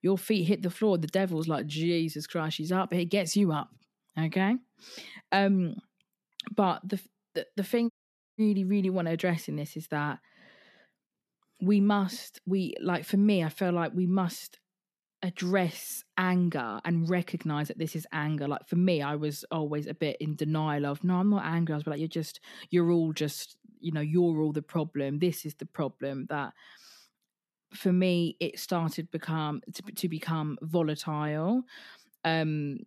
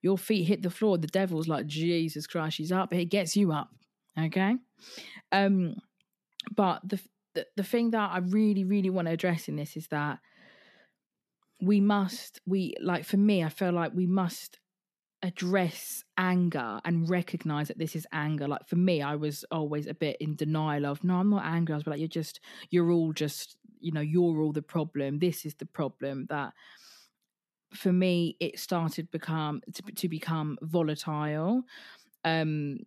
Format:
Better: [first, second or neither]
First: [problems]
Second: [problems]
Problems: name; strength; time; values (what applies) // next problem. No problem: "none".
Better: second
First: audio cutting out; at 8 s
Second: none